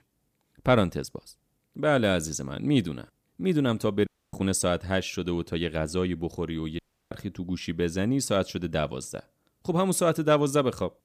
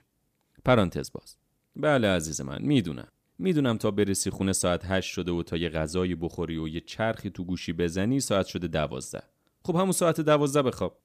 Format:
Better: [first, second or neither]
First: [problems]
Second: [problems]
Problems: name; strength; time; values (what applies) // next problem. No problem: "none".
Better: second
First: audio cutting out; at 4 s and at 7 s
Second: none